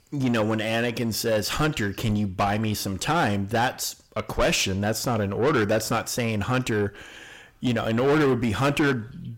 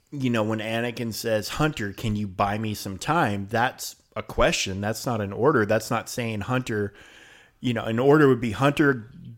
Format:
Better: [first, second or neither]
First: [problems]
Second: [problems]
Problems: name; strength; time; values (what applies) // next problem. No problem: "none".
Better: second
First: distortion; heavy; 8 dB below the speech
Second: none